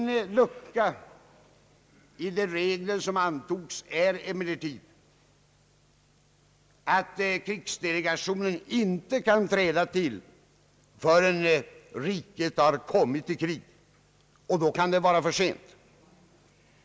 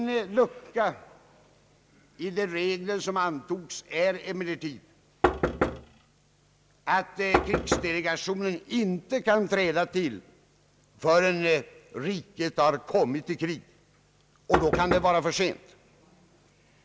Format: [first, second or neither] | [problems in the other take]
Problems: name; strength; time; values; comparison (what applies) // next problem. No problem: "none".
first | background sound (Knock); 1 dB below the speech